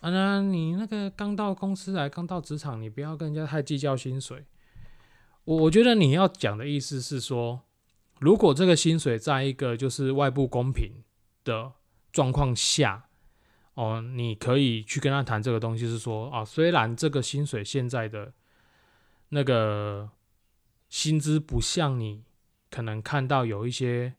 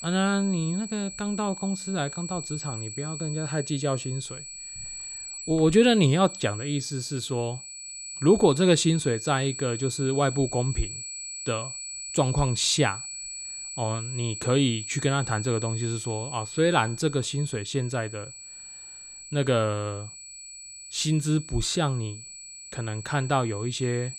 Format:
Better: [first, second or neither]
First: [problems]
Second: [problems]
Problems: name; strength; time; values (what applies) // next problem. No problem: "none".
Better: first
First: none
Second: high-pitched whine; loud; throughout; 8 kHz, 10 dB below the speech